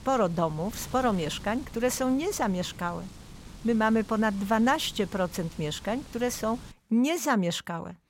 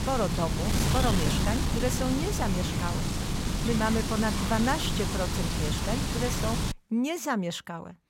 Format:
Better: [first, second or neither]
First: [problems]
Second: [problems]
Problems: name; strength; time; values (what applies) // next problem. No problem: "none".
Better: first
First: wind noise on the microphone; occasional gusts; until 6.5 s; 20 dB below the speech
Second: wind noise on the microphone; heavy; until 6.5 s; 1 dB below the speech